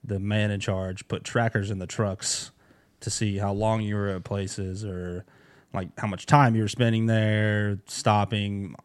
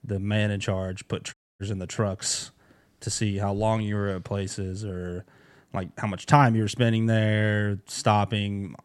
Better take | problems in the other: first | audio cutting out; at 1.5 s

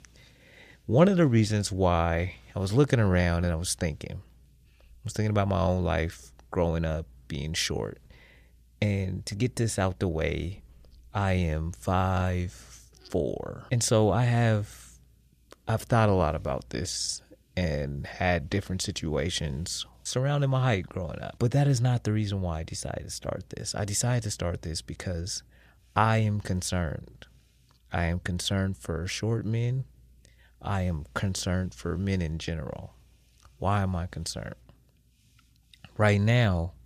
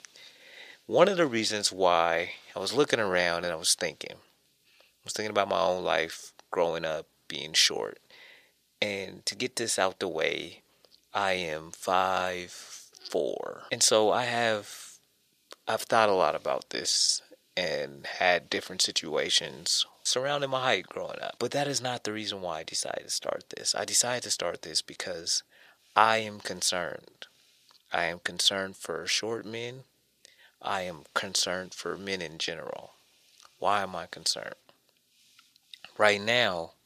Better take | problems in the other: first | thin; very; fading below 450 Hz

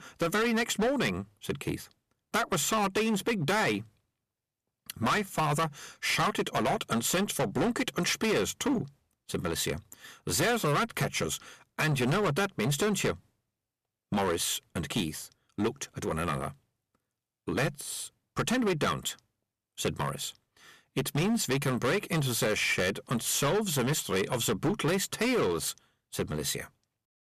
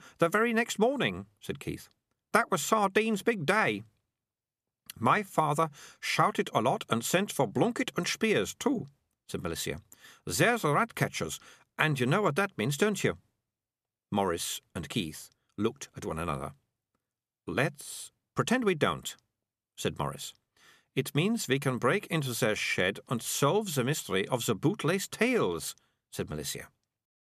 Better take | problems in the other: second | distortion; heavy; 12% of the sound clipped

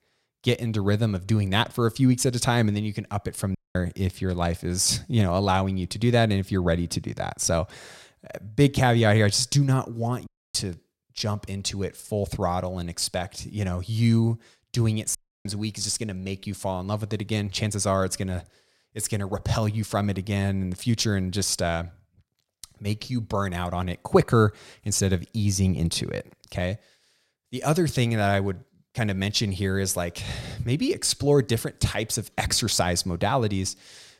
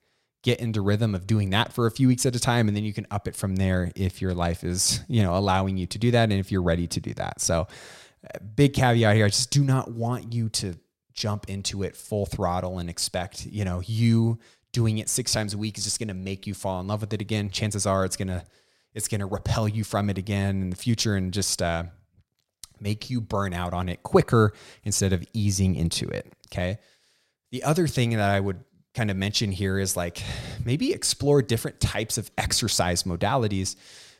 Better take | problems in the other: second | audio cutting out; at 3.5 s, at 10 s and at 15 s

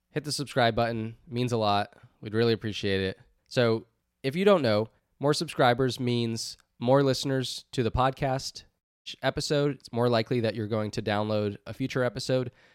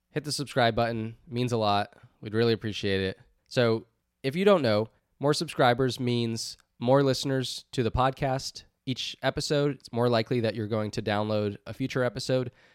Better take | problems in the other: second | audio cutting out; at 9 s

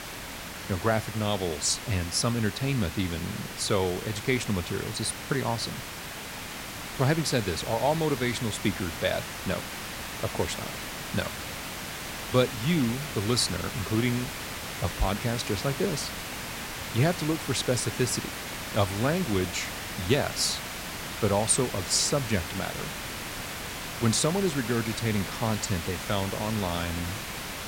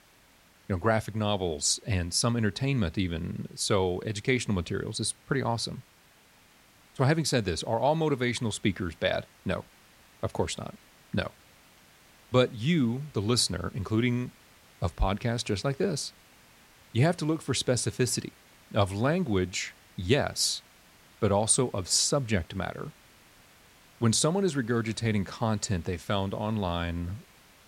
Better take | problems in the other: second | hiss; loud; throughout; 6 dB below the speech; faint in the second

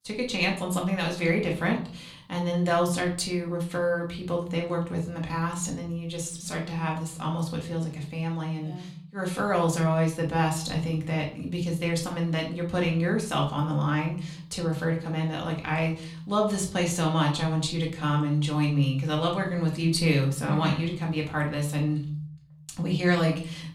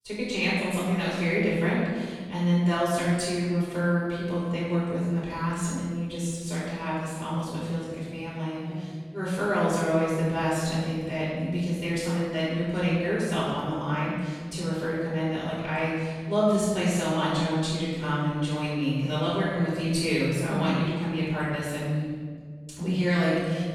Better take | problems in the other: first | room echo; strong; dies away in 1.7 s; slight in the first // off-mic speech; far; somewhat distant in the first

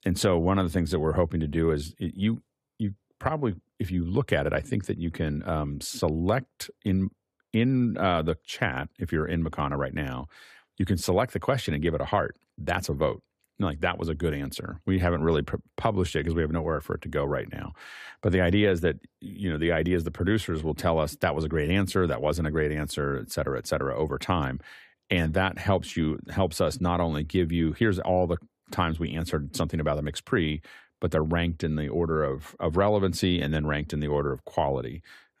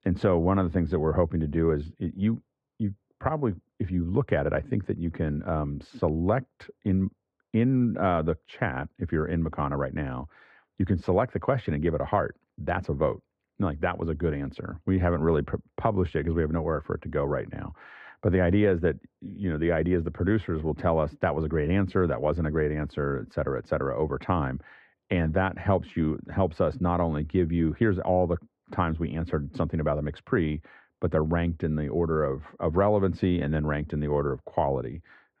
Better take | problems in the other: first | muffled; very; fading above 1.5 kHz

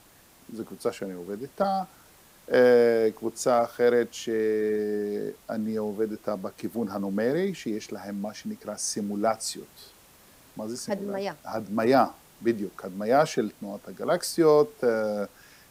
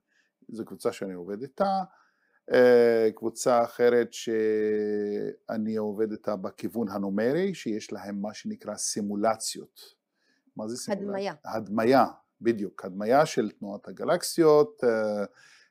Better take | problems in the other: second | hiss; faint; throughout; 25 dB below the speech

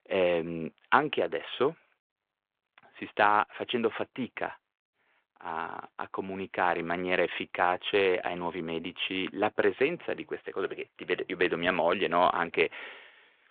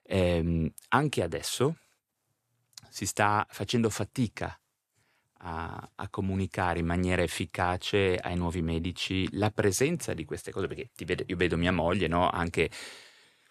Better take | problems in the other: second | phone-call audio

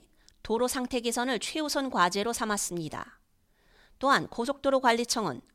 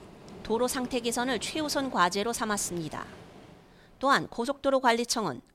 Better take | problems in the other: first | rain or running water; noticeable; throughout; 20 dB below the speech

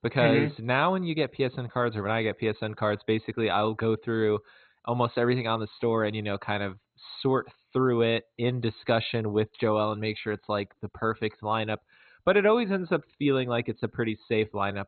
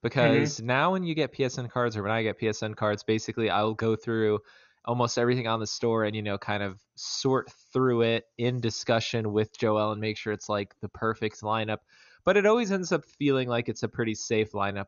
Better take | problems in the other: second | garbled, watery; badly; nothing above 4 kHz; slightly in the second

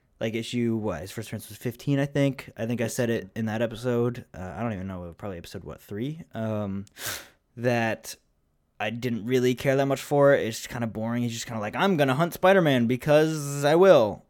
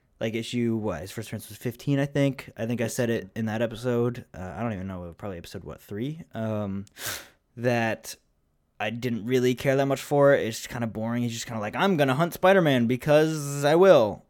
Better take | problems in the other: neither | none

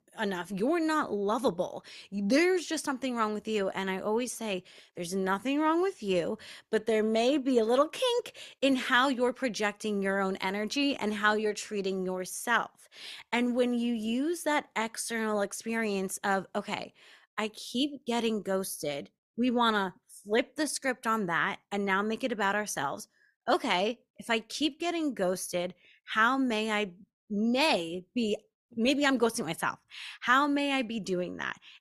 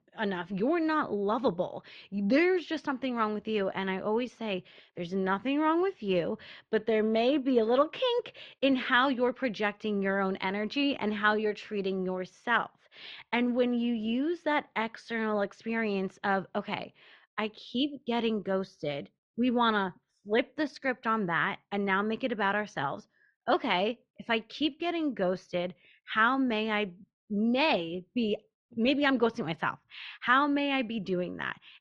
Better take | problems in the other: first | muffled; slightly; fading above 4 kHz

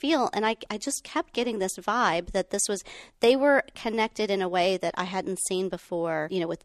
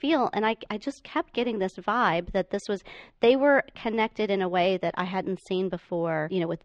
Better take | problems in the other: first | muffled; slightly; fading above 3.5 kHz

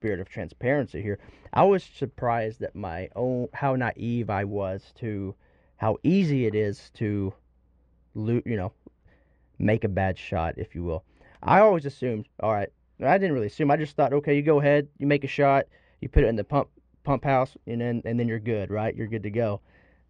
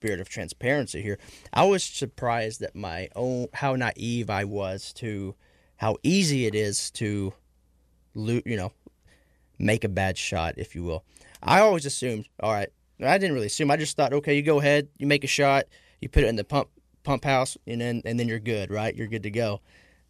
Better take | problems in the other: second | muffled; very; fading above 1.5 kHz

